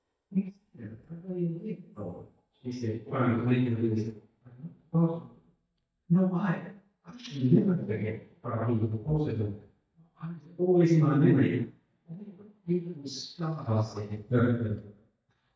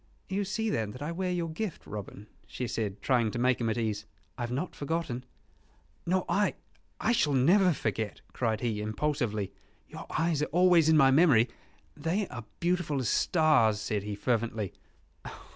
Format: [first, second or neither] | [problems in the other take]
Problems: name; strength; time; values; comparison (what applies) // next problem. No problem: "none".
second | noise reduction (neural mask model DeepFilterNet 3)